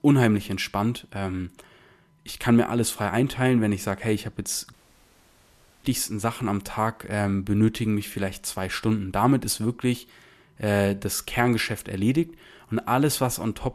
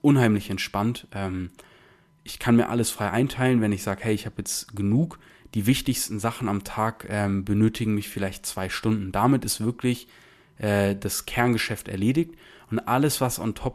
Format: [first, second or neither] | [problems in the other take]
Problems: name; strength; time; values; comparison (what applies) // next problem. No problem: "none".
second | audio cutting out; at 4.5 s for 1 s